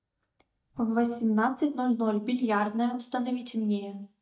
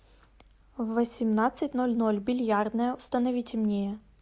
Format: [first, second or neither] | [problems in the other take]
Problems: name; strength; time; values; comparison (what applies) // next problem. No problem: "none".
second | noise reduction (neural mask model DeepFilterNet 3)